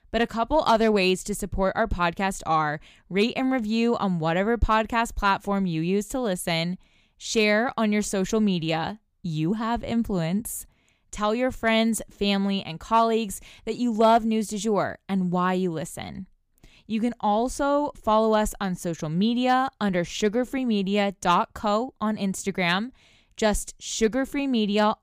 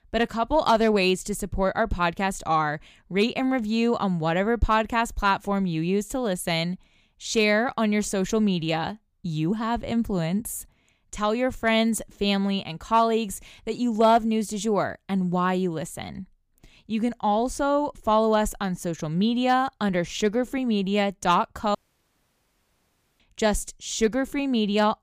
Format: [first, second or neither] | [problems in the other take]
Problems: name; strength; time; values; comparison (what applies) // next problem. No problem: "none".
first | audio cutting out; at 22 s for 1.5 s